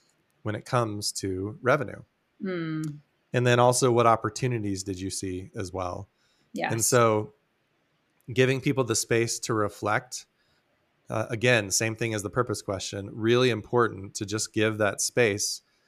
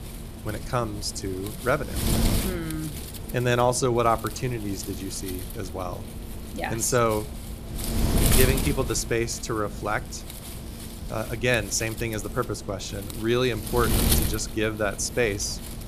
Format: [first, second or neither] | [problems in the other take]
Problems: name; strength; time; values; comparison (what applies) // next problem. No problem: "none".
first | wind noise on the microphone; heavy; 8 dB below the speech